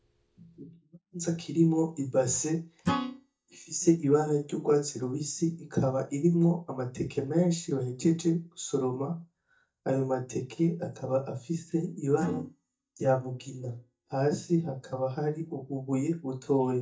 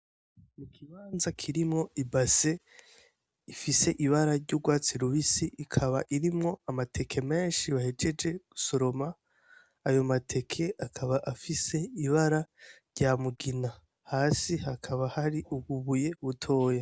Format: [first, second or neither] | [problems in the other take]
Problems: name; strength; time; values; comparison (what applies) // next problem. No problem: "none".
second | noise reduction (neural mask model DeepFilterNet 3)